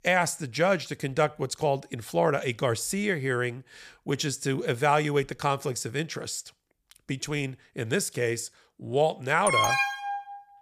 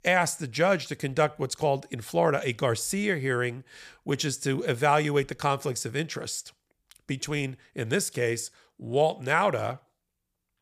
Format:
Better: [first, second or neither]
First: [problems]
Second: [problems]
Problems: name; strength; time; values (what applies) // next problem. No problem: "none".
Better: second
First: alarm; loud; at 9.5 s; peak 5 dB above the speech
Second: none